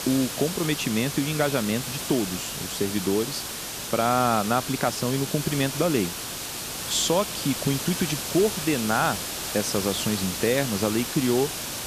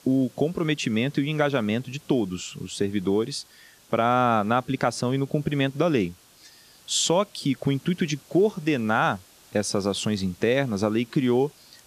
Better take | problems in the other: second | hiss; loud; throughout; 4 dB below the speech; faint in the second

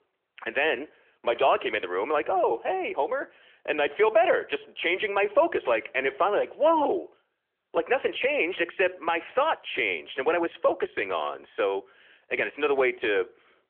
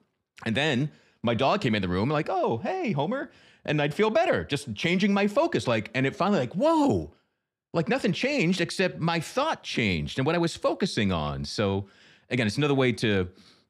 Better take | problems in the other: second | phone-call audio; nothing above 3.5 kHz

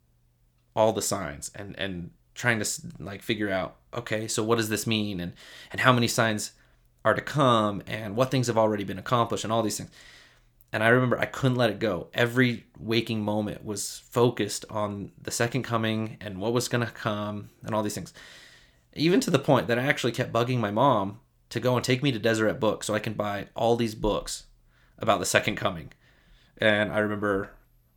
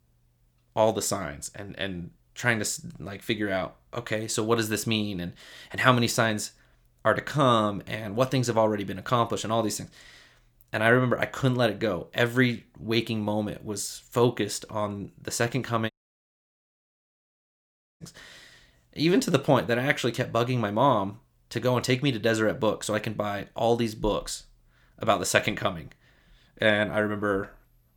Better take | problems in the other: first | audio cutting out; at 16 s for 2 s

